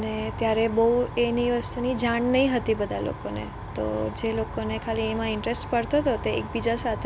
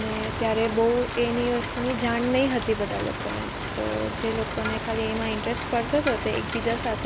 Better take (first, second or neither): first